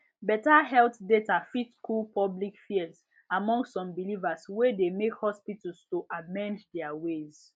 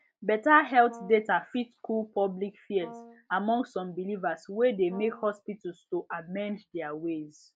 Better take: first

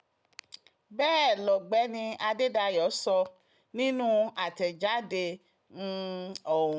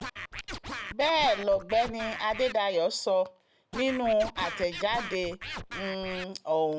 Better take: first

